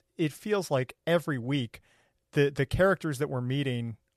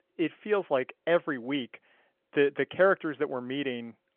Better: first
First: none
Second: phone-call audio; nothing above 3 kHz

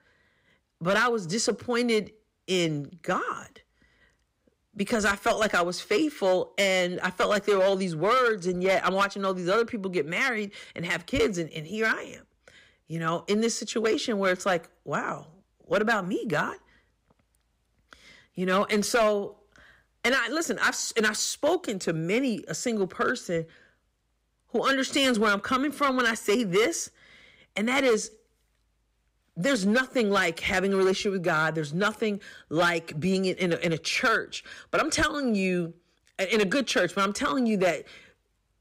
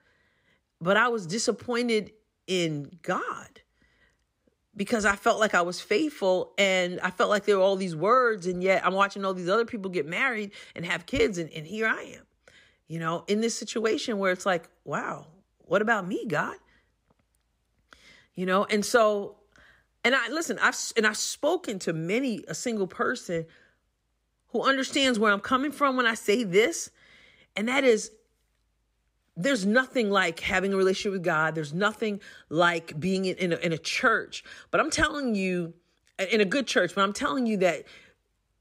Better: second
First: distortion; slight; 5% of the sound clipped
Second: none

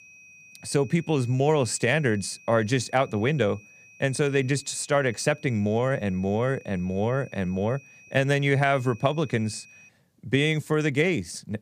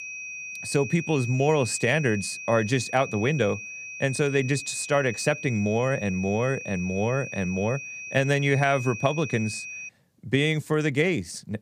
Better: first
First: high-pitched whine; faint; until 10 s; 2.5 kHz, 25 dB below the speech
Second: high-pitched whine; loud; until 10 s; 2.5 kHz, 10 dB below the speech

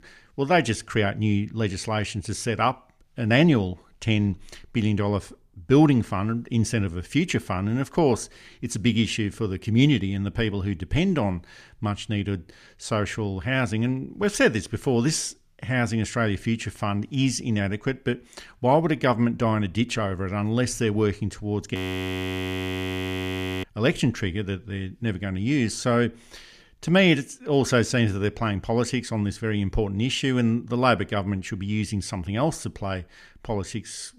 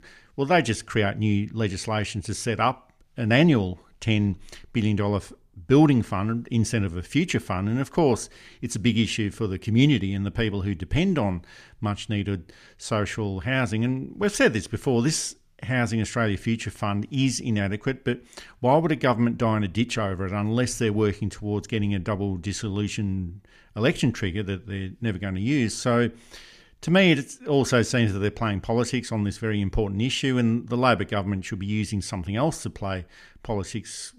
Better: second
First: audio freezing; at 22 s for 2 s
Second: none

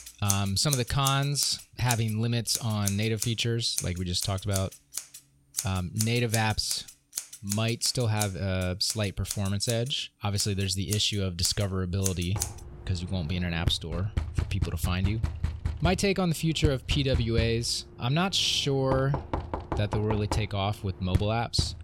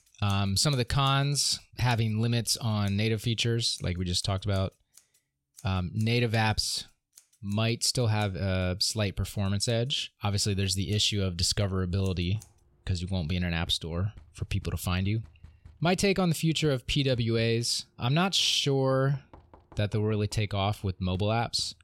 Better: second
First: household noises; loud; throughout; 7 dB below the speech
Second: household noises; faint; throughout; 30 dB below the speech

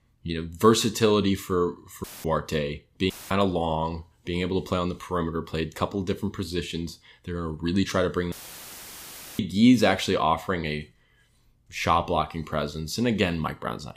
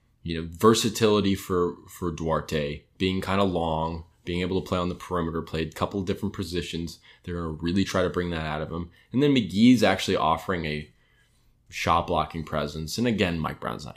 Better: second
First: audio cutting out; filled with static; at 2 s, at 3 s and at 8.5 s for 1 s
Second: none

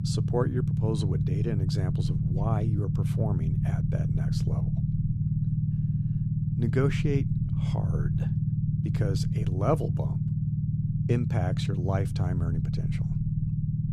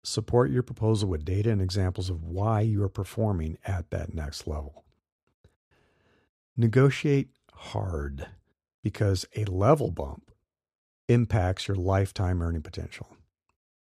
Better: second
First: low rumble; loud; throughout; 3 dB below the speech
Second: none

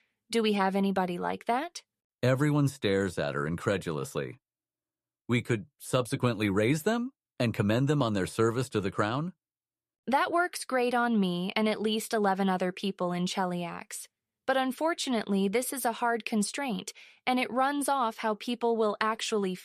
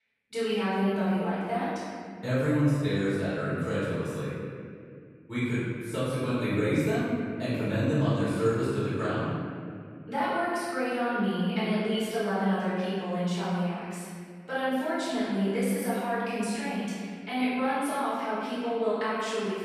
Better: first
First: none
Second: room echo; strong; dies away in 2.3 s // off-mic speech; far

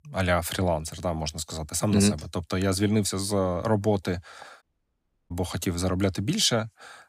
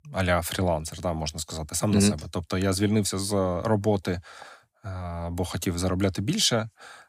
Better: second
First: audio cutting out; at 4.5 s for 0.5 s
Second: none

